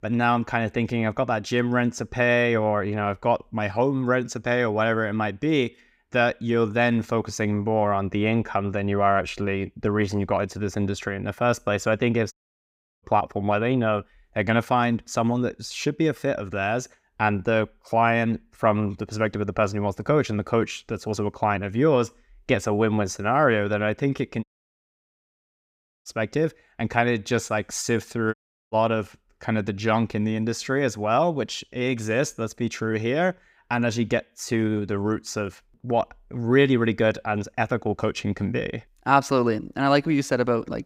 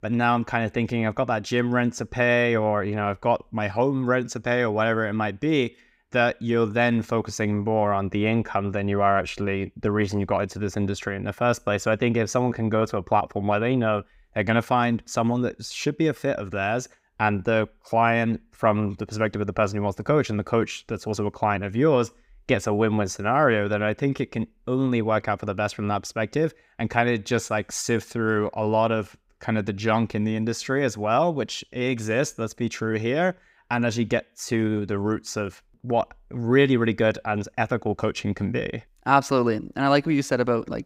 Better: second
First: audio cutting out; at 12 s for 0.5 s, at 24 s for 1.5 s and at 28 s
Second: none

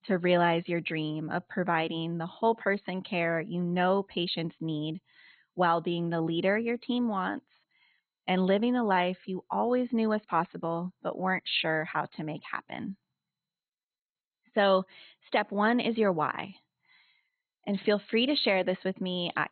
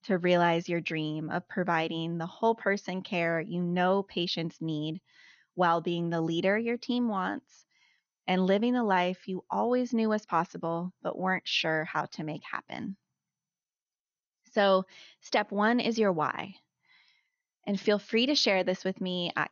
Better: second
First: garbled, watery; badly; nothing above 4 kHz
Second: garbled, watery; slightly; nothing above 6.5 kHz

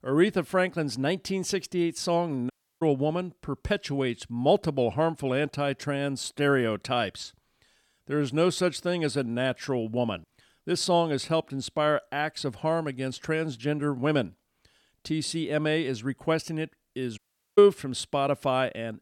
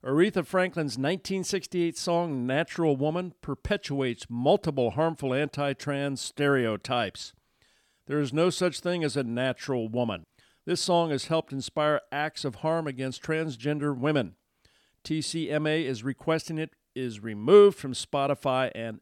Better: second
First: audio cutting out; at 2.5 s and at 17 s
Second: none

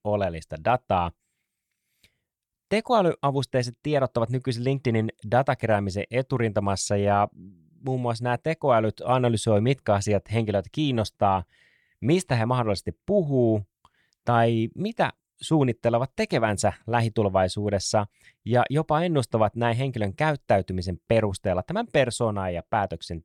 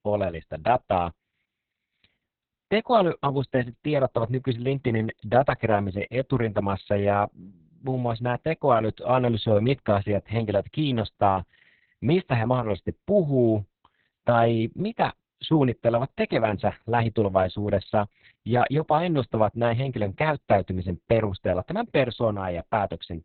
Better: first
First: none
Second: garbled, watery; badly; nothing above 4 kHz

